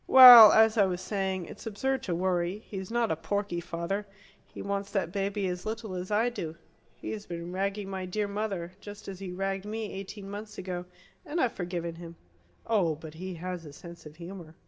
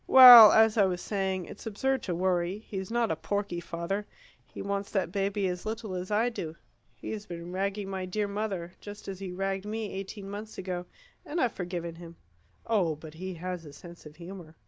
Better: second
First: room echo; dies away in 0.3 s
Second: none

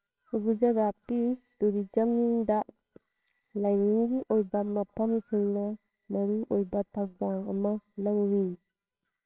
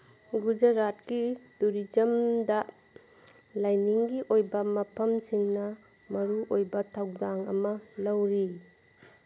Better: second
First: noise reduction (neural separator model SepFormer WHAMR!)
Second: none

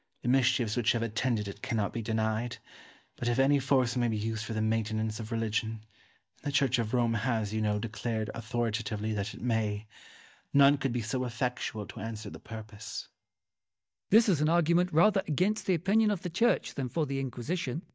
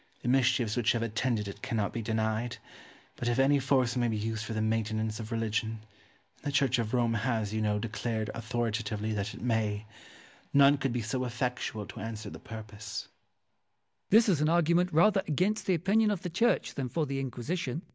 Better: second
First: noise reduction (neural mask model DeepFilterNet 3)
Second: none

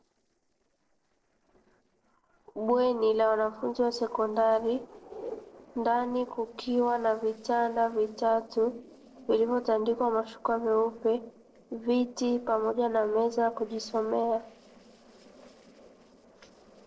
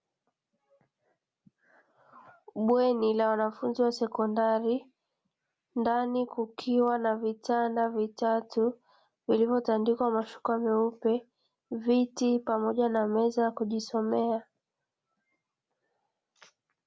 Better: second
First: noise reduction (neural separator model SepFormer DNS4)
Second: none

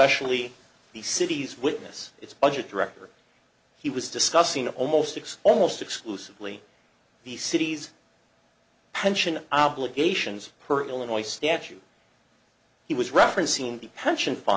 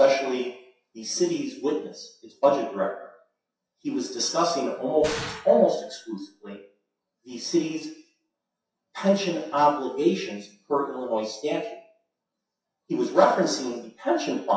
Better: first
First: none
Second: noise reduction (classical method WPE with log-MMSE)

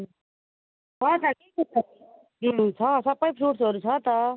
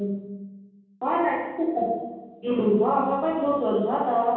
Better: first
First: none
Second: room echo; dies away in 1.3 s

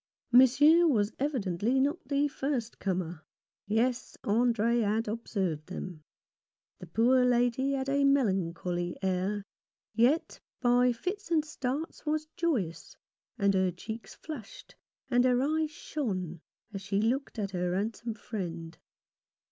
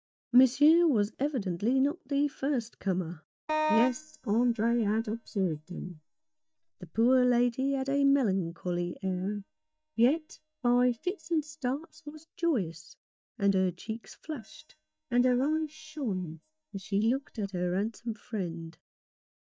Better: first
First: none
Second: noise reduction (neural mask model DeepFilterNet 3)

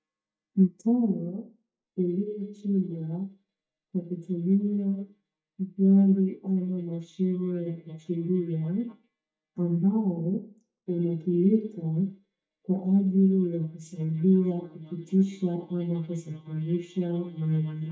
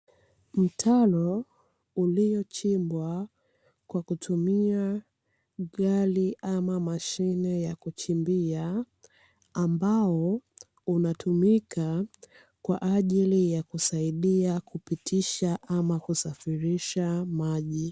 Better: second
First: noise reduction (neural mask model DeepFilterNet 3)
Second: none

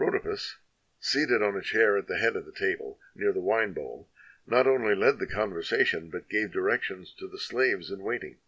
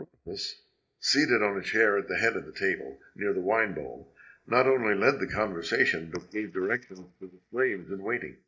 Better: first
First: none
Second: noise reduction (neural mask model DeepFilterNet 3)

